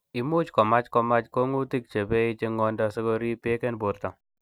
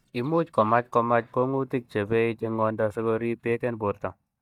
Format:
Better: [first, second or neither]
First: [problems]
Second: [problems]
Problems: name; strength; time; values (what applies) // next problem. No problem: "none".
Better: first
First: none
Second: noise reduction (neural mask model DeepFilterNet 3)